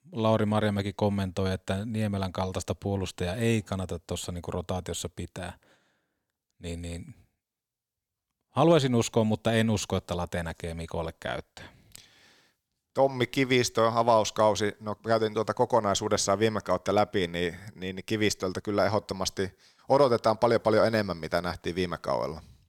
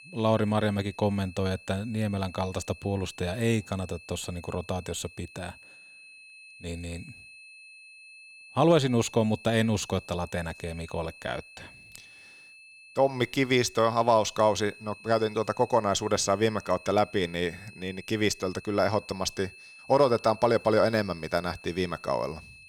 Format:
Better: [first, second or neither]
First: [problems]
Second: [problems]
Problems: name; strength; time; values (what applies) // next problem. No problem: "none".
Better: first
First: none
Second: high-pitched whine; faint; throughout; 2.5 kHz, 20 dB below the speech